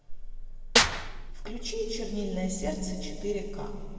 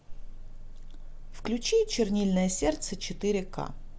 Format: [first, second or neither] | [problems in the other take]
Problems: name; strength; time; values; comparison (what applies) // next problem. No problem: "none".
second | background sound (Clapping / Drum kit); 2 dB above the speech // room echo; dies away in 2.1 s